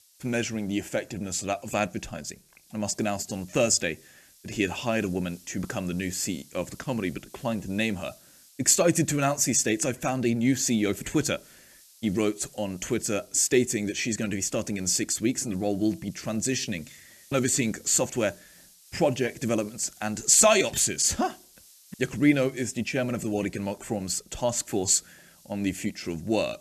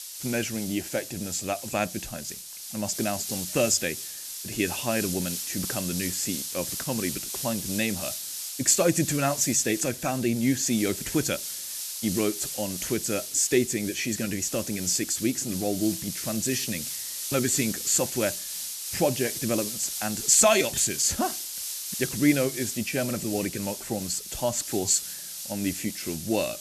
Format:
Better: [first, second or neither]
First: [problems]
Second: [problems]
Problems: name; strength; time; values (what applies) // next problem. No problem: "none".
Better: first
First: hiss; faint; throughout; 25 dB below the speech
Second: hiss; loud; throughout; 6 dB below the speech